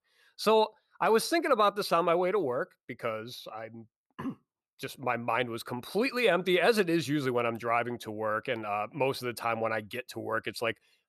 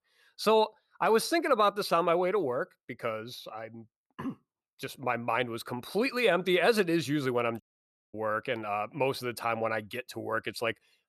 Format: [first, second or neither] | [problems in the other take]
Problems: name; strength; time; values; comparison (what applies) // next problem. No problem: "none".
first | audio cutting out; at 7.5 s for 0.5 s